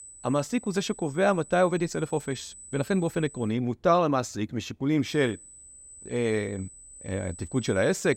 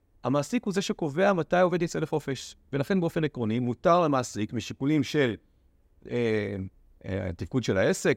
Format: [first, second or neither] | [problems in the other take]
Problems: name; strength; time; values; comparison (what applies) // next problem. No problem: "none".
second | high-pitched whine; noticeable; until 3.5 s and from 5 s on; 8 kHz, 20 dB below the speech